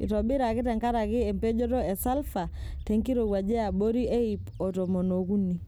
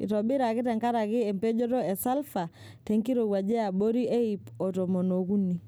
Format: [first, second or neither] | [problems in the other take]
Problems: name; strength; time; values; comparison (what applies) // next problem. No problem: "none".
second | background sound (Bird); 11 dB below the speech